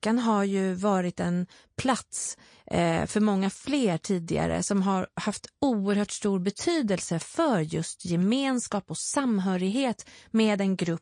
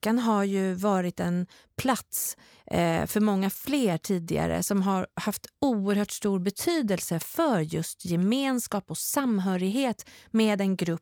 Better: second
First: garbled, watery; slightly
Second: none

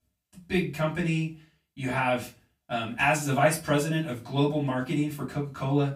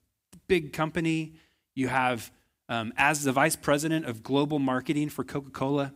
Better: second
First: off-mic speech; far // room echo; very slight; dies away in 0.2 s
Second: none

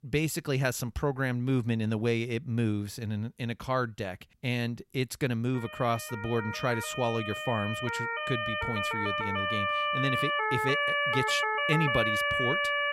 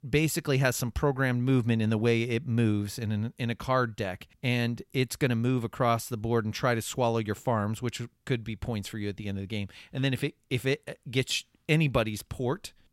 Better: second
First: siren; loud; from 5.5 s on; peak 6 dB above the speech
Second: none

